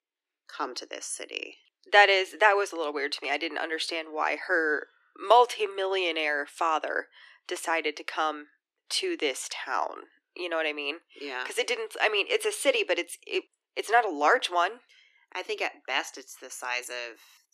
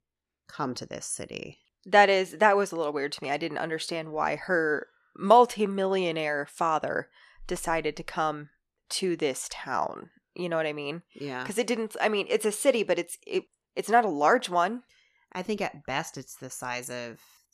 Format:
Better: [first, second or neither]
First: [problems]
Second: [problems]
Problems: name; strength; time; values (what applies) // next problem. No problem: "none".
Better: second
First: thin; somewhat; fading below 300 Hz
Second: none